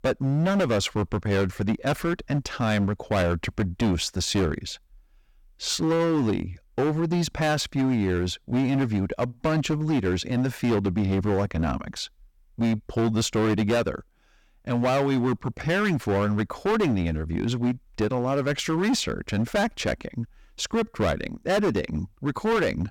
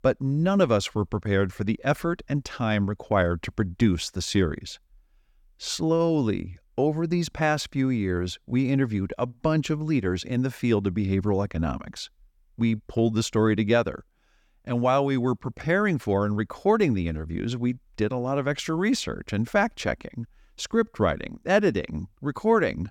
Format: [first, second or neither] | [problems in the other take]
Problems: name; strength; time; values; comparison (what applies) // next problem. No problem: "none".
second | distortion; heavy; 15% of the sound clipped